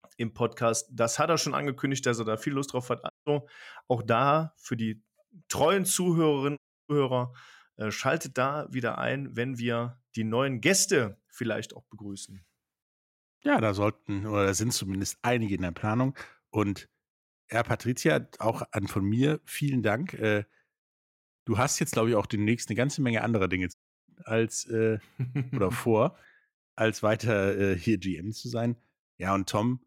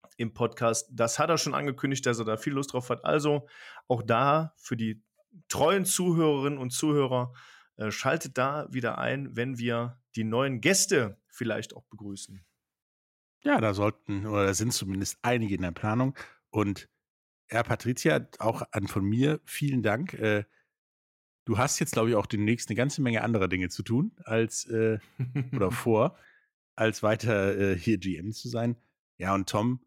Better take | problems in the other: second | audio cutting out; at 3 s, at 6.5 s and at 24 s

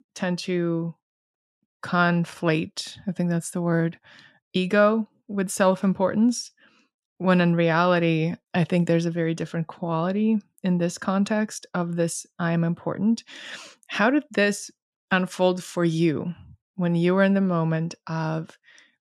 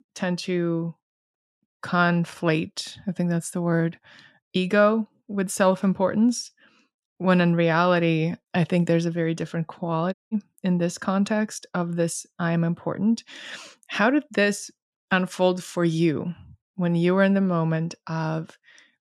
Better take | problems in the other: first | audio cutting out; at 10 s

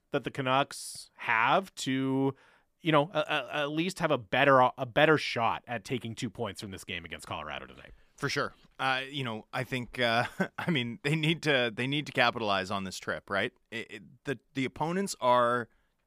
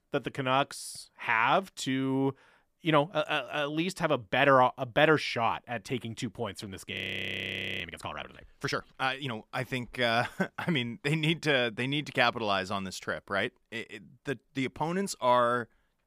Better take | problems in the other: first | audio freezing; at 7 s for 1 s

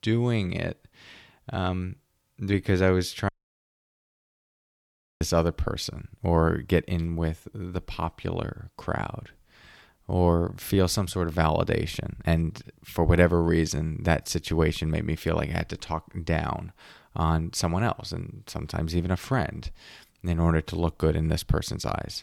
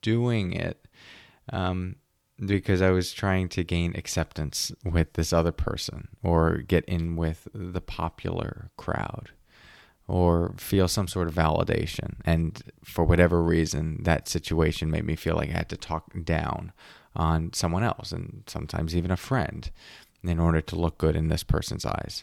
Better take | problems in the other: second | audio cutting out; at 3.5 s for 2 s

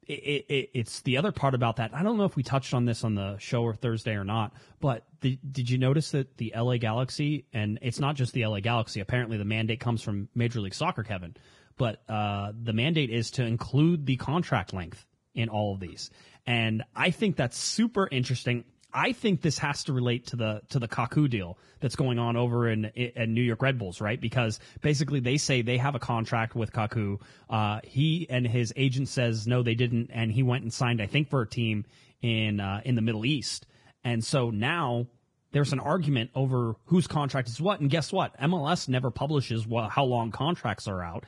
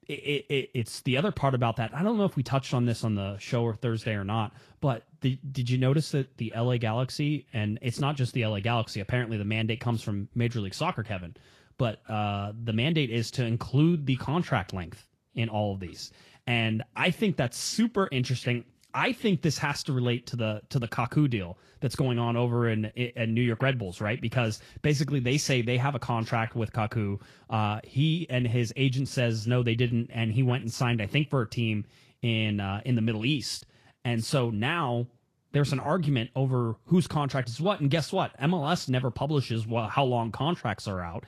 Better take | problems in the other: second | garbled, watery; badly; nothing above 10.5 kHz; slightly in the second

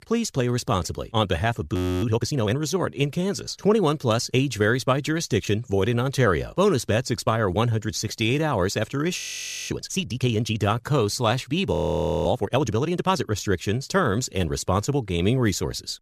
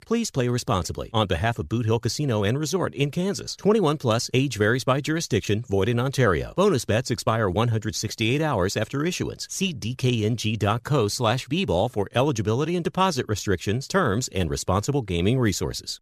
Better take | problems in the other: second | audio freezing; at 2 s, at 9 s for 0.5 s and at 12 s for 0.5 s

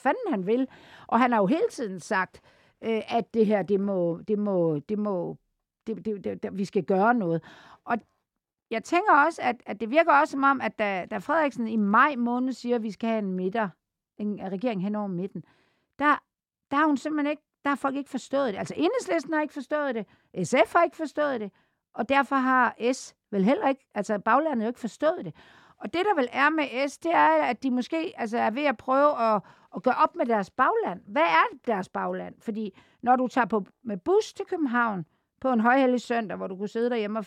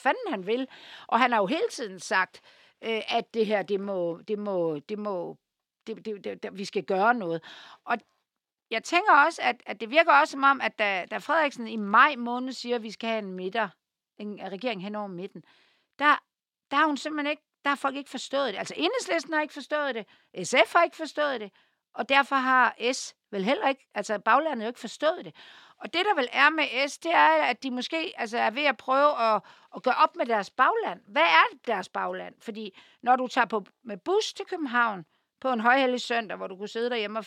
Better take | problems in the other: first | thin; very slightly; fading below 950 Hz

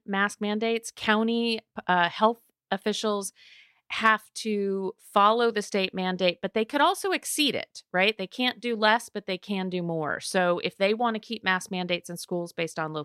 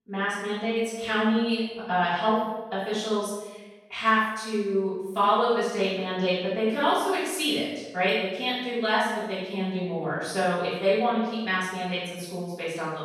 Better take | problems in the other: first | off-mic speech; far // room echo; strong; dies away in 0.9 s

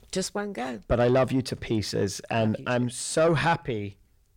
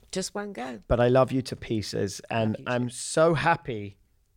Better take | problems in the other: second | distortion; slight; 10 dB below the speech

